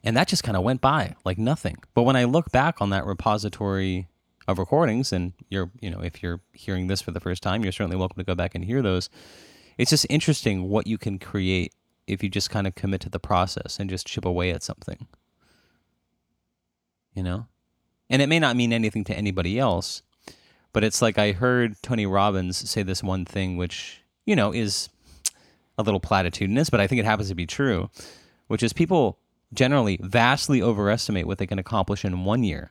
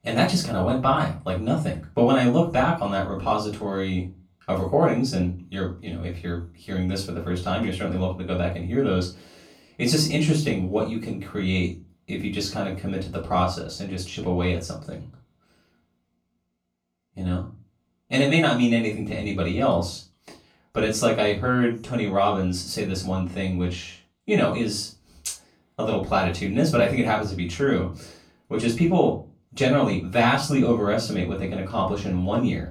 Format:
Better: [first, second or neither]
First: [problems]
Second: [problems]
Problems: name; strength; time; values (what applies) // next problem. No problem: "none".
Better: first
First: none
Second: off-mic speech; far // room echo; slight; dies away in 0.3 s